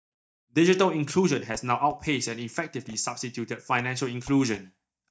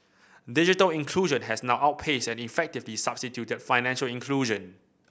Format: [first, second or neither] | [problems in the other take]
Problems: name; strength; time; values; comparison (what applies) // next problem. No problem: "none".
second | noise reduction (neural mask model DeepFilterNet 3)